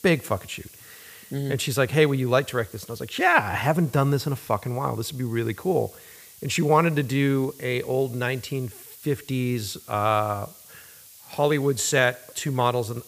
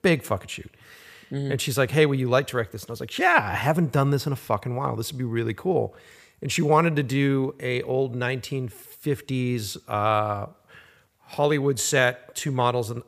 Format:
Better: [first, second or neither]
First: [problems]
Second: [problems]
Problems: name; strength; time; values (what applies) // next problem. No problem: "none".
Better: second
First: hiss; faint; throughout; 20 dB below the speech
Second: none